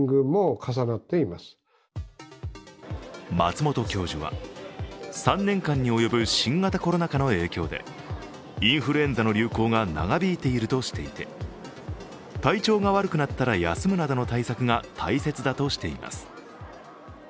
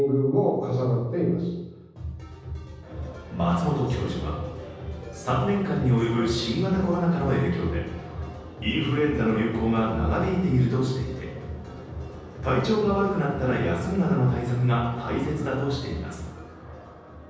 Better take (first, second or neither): first